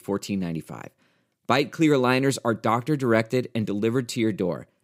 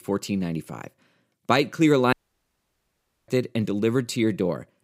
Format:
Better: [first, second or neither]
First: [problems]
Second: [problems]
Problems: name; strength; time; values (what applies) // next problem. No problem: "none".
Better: first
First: none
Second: audio cutting out; at 2 s for 1 s